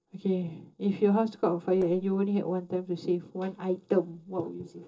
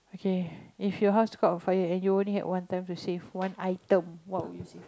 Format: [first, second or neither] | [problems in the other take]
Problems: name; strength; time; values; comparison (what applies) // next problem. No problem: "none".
second | noise reduction (neural separator model SepFormer DNS4)